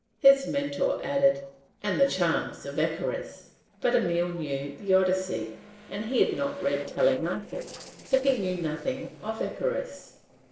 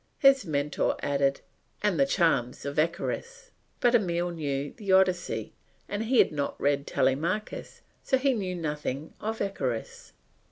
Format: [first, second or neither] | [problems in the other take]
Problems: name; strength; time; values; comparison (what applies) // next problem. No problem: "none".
second | noise reduction (neural separator model SepFormer DNS4)